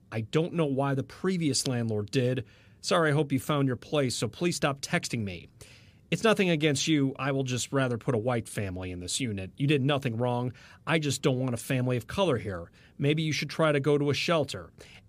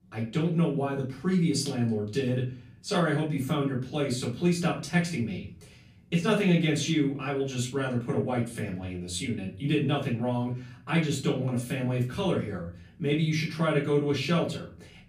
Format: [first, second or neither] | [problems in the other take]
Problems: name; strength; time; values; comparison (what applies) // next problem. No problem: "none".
first | off-mic speech; far // room echo; slight; dies away in 0.4 s